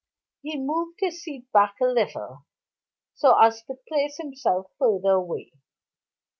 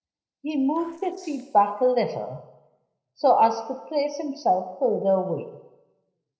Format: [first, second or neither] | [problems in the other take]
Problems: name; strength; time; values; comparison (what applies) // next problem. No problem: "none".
first | noise reduction (neural separator model SepFormer DNS4)